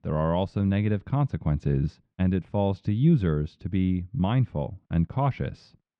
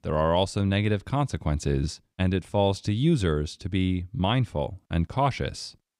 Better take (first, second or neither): second